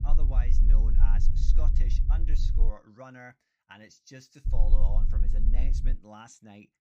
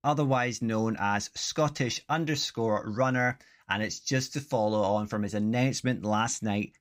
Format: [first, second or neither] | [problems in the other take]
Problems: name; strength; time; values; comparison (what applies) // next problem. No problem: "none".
second | low rumble; loud; until 2.5 s and from 4.5 to 6 s; 3 dB below the speech